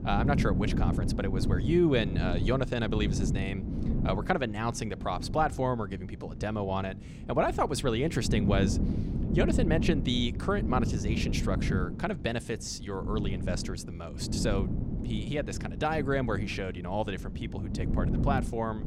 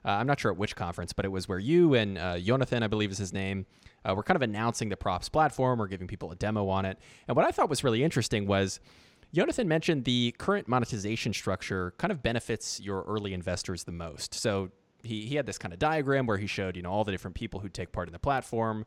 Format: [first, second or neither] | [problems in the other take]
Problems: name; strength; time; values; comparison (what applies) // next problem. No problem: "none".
second | wind noise on the microphone; heavy; 9 dB below the speech